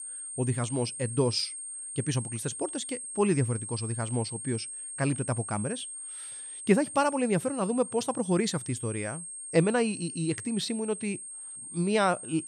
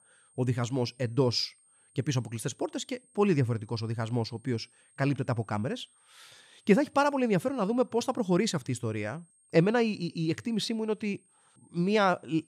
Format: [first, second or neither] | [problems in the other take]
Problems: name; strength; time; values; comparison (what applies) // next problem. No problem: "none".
second | high-pitched whine; loud; throughout; 8.5 kHz, 8 dB below the speech; faint in the second